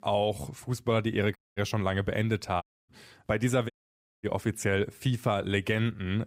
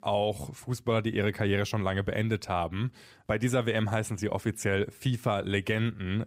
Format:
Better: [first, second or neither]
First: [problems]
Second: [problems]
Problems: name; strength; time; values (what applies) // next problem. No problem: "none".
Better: second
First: audio cutting out; at 1.5 s, at 2.5 s and at 3.5 s for 0.5 s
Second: none